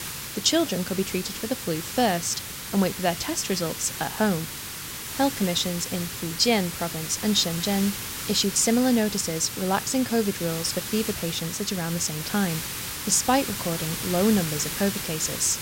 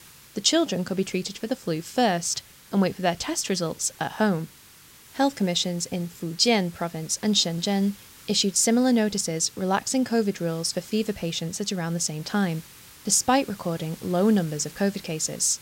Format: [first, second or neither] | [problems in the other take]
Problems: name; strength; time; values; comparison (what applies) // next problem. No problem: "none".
second | hiss; loud; throughout; 6 dB below the speech; faint in the second